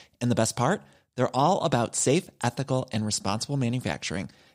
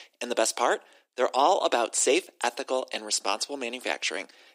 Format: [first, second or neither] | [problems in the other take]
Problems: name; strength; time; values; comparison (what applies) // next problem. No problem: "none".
first | thin; very; fading below 300 Hz